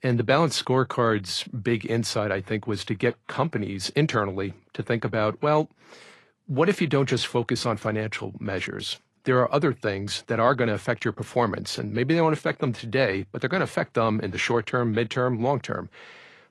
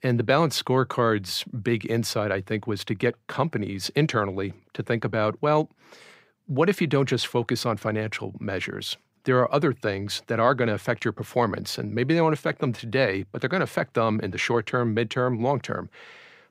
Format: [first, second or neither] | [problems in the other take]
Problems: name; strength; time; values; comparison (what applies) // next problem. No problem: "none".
second | garbled, watery; slightly; nothing above 11.5 kHz